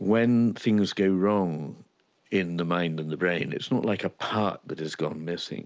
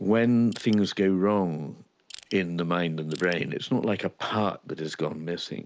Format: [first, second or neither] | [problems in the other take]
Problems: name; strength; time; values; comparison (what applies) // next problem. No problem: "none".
first | background sound (Crushing); 20 dB below the speech